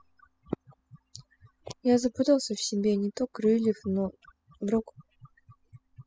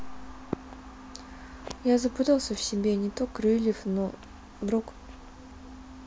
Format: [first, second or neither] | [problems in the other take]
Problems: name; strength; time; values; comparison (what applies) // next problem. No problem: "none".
second | noise reduction (classical method spectral subtraction)